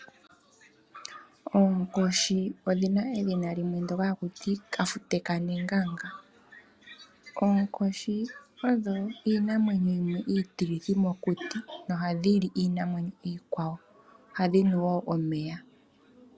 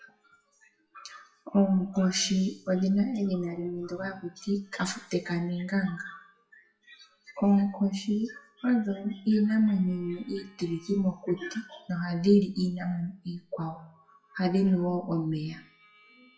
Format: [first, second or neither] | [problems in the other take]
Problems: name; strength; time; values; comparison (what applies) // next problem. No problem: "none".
first | noise reduction (classical method WPE with log-MMSE)